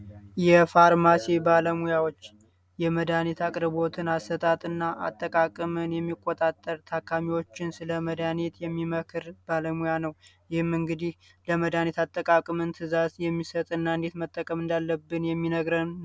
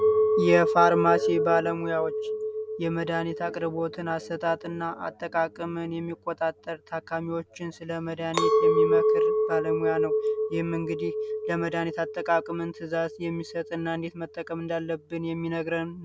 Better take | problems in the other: first | background sound (Chink, clink); as loud as the speech

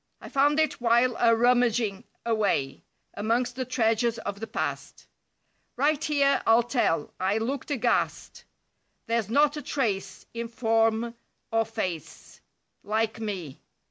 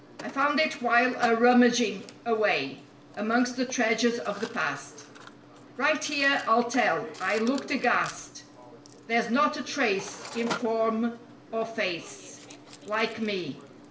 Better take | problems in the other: first | background sound (Mechanisms); 17 dB below the speech // room echo; dies away in 0.5 s

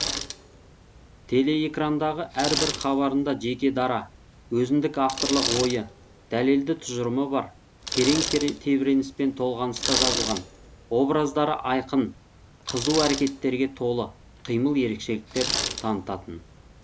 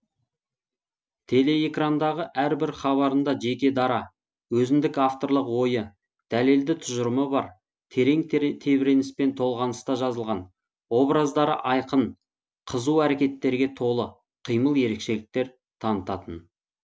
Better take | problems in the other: second | background sound (Bicycle); 8 dB below the speech

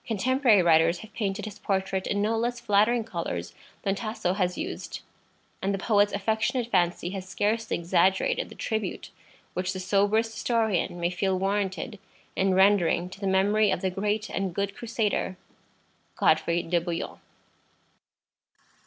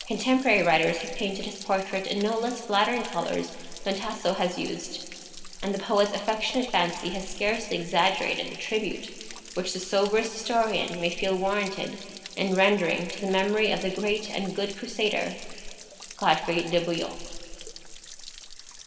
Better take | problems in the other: first | background sound (Stream / Trickle, dribble / Splash, splatter); 14 dB below the speech // room echo; dies away in 2.1 s

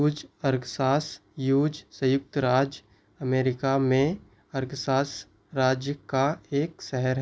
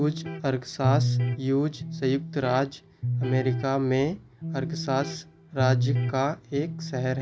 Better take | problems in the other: first | background sound (Electric guitar); 2 dB below the speech

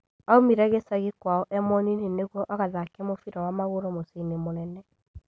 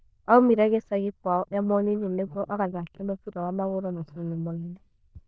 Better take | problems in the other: first | noise reduction (neural diffusion model UNIVERSE++)

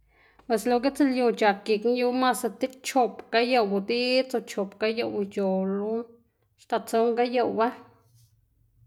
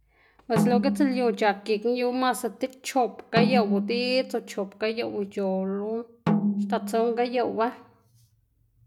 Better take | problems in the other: first | background sound (Snare drum); 3 dB below the speech

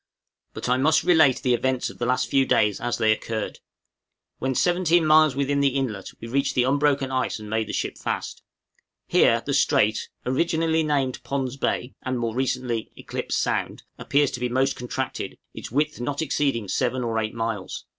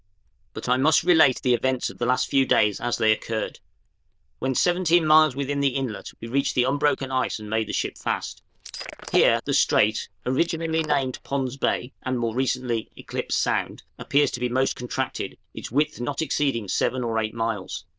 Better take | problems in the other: first | noise reduction (neural diffusion model UNIVERSE++)

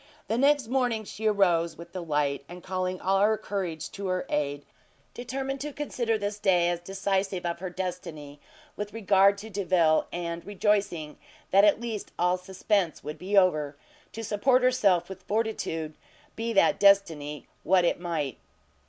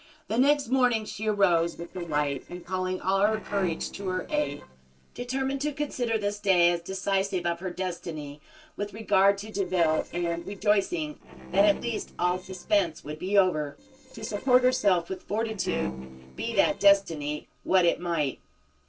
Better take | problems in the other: first | noise reduction (neural separator model SepFormer DNS4)

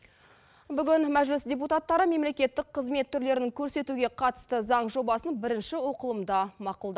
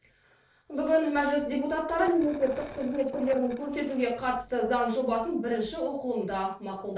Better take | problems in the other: first | noise reduction (neural separator model SepFormer DNS4)

